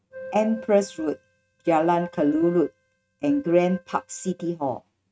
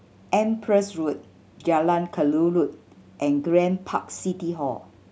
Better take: second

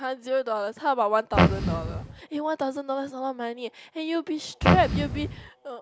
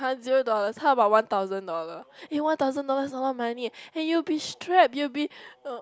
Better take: second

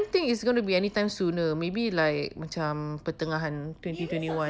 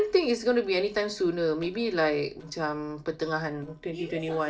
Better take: first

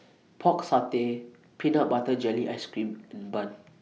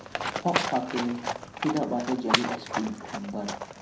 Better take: first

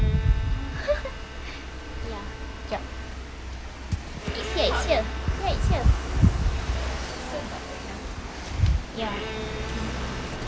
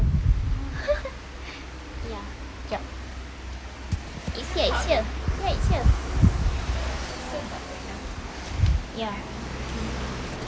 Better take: second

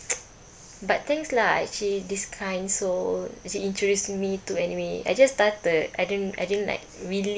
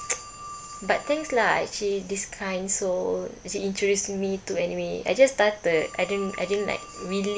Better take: first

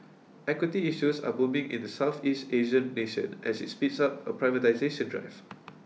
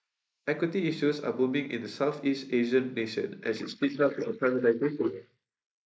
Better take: first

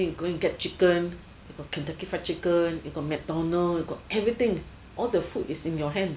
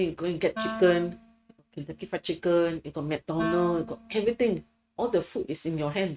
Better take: first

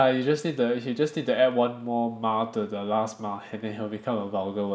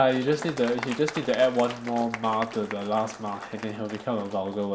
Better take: first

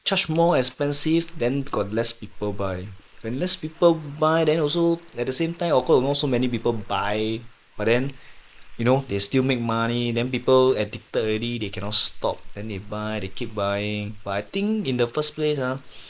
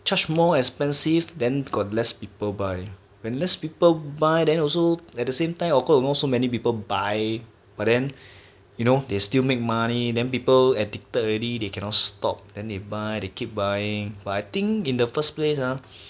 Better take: second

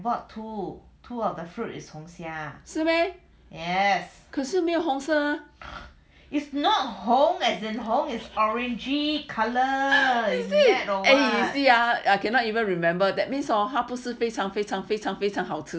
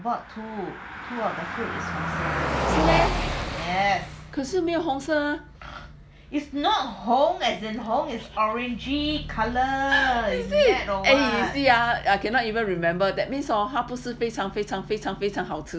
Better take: first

